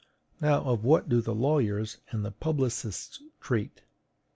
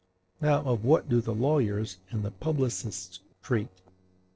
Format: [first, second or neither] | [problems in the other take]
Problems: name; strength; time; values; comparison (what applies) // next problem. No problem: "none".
first | noise reduction (neural separator model SepFormer DNS4)